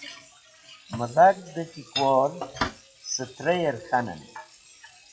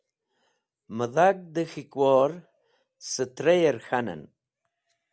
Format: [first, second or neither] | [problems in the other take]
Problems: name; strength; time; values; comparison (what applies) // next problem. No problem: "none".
second | noise reduction (classical method WPE with log-MMSE)